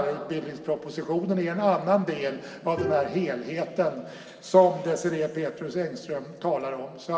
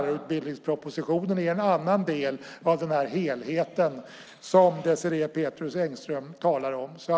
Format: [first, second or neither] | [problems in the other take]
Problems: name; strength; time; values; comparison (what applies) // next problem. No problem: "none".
second | background sound (Bowed string instrument); 12 dB below the speech // room echo; dies away in 2.2 s